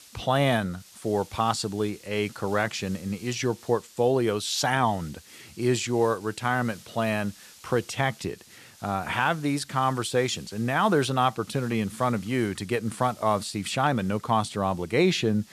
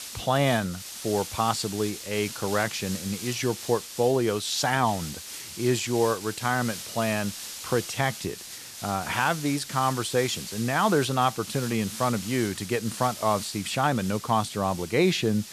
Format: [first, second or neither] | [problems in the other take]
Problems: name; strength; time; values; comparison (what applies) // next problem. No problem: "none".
first | hiss; loud; throughout; 10 dB below the speech; faint in the first